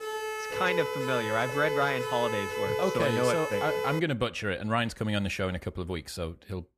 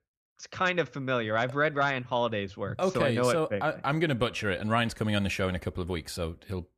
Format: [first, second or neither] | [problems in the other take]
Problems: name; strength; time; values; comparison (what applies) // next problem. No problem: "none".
second | siren; noticeable; until 4 s; peak 1 dB below the speech